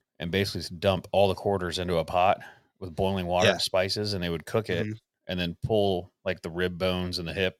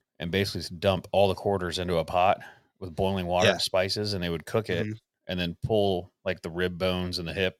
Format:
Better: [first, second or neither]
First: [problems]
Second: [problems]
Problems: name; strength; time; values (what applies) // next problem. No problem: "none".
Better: neither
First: none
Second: none